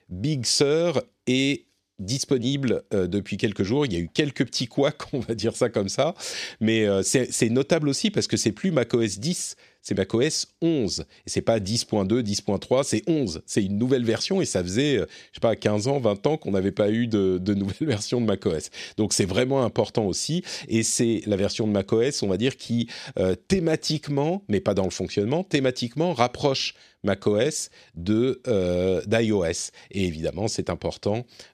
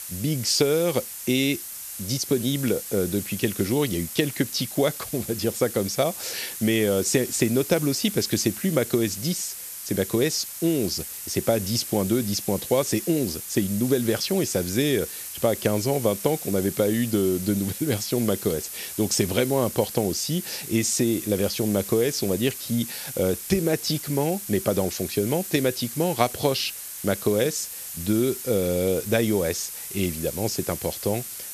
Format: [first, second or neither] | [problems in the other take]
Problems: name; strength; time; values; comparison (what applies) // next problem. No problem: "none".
first | hiss; loud; throughout; 8 dB below the speech